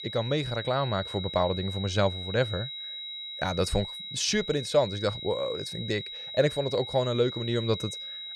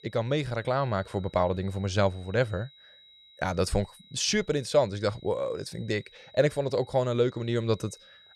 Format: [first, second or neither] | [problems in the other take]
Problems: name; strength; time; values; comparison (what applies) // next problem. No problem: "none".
second | high-pitched whine; loud; throughout; 4 kHz, 7 dB below the speech; faint in the second